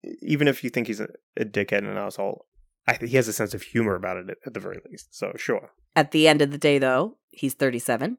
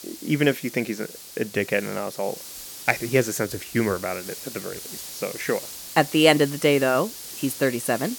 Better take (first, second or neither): first